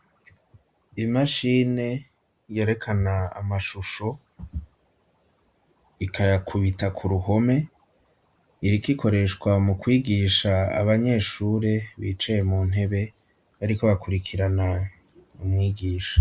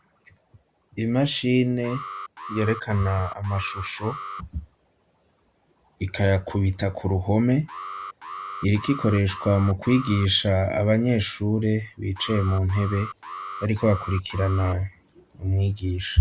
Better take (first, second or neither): first